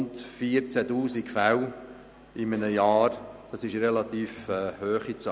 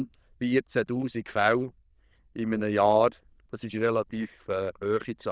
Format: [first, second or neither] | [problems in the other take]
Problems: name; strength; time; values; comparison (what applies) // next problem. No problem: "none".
first | noise reduction (neural diffusion model UNIVERSE++)